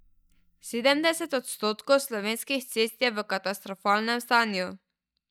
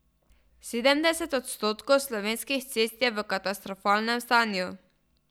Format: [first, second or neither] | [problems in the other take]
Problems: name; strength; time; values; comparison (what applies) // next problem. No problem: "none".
second | noise reduction (neural mask model DeepFilterNet 3)